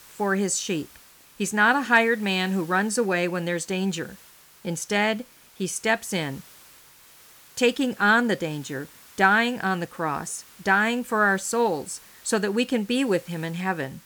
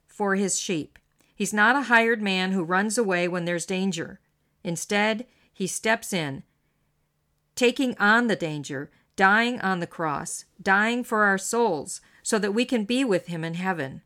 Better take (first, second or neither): second